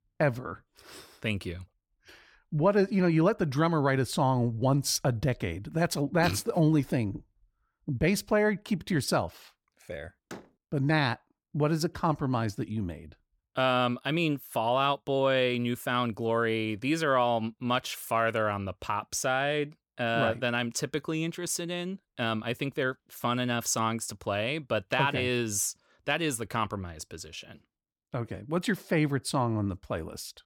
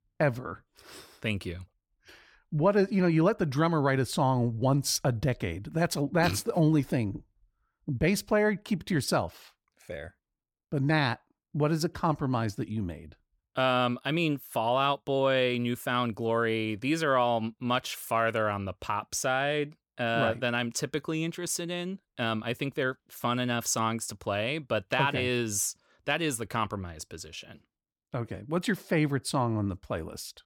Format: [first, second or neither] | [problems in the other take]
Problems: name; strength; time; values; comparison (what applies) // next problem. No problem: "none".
second | door banging; faint; at 10 s; peak 20 dB below the speech